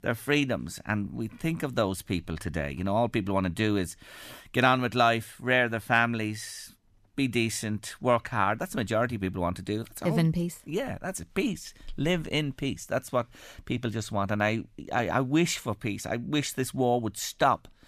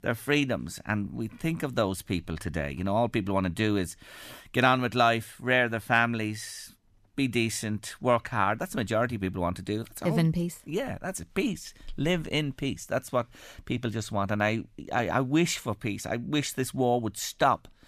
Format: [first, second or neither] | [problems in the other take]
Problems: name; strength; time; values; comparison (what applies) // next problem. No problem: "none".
neither | none